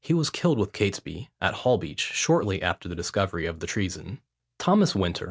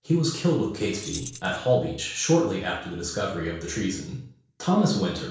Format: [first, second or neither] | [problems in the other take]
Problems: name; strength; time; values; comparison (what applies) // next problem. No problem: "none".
first | noise reduction (neural separator model SepFormer DNS4)